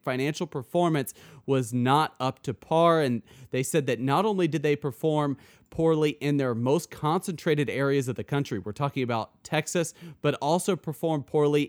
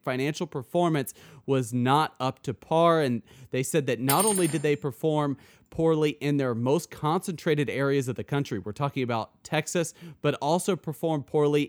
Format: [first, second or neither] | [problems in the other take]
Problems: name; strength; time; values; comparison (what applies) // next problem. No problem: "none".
first | clattering dishes; loud; at 4 s; peak 2 dB above the speech